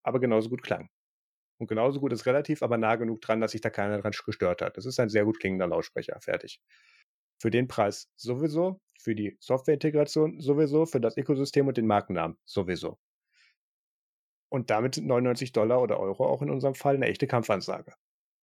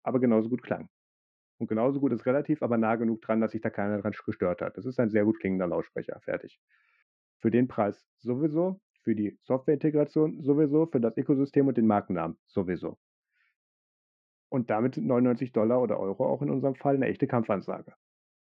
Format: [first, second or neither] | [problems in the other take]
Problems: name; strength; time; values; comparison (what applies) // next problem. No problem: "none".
first | muffled; very; fading above 1.5 kHz